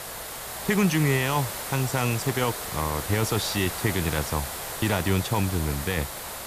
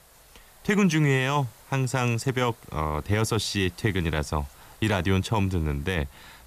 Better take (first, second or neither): second